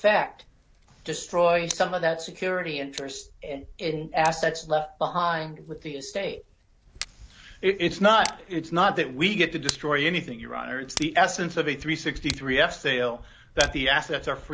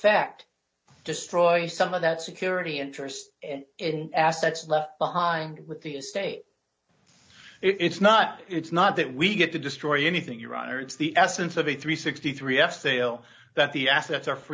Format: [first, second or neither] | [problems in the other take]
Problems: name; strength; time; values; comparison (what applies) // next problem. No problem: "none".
second | background sound (Tick); 15 dB below the speech